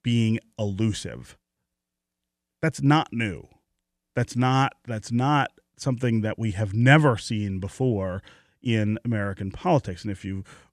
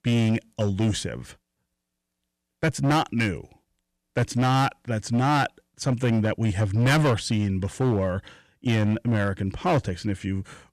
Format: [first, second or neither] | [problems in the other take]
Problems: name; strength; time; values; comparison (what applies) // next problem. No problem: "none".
first | distortion; heavy; 10% of the sound clipped